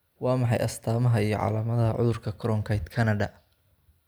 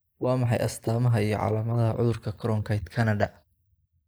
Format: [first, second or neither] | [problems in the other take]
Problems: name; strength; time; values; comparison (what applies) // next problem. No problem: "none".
first | noise reduction (neural mask model Resemble Enhance denoiser)